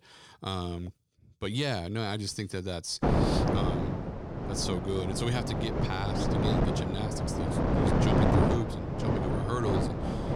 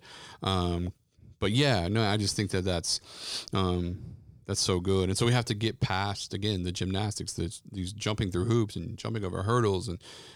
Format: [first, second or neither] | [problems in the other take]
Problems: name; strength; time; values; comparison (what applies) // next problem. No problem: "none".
second | wind noise on the microphone; heavy; from 3 s on; 4 dB above the speech